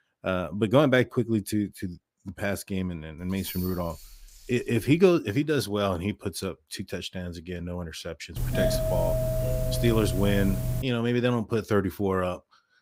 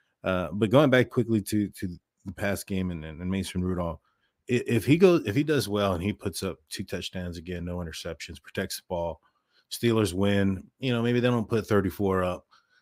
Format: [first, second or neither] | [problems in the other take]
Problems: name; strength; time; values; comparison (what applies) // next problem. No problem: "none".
second | jangling keys; faint; from 3 to 5 s; peak 10 dB below the speech // doorbell; loud; from 8.5 to 11 s; peak 1 dB above the speech